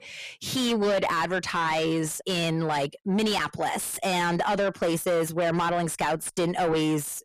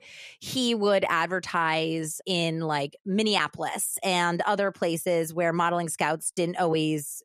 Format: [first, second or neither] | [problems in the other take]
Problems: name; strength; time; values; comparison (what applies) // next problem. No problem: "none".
second | distortion; heavy; 7 dB below the speech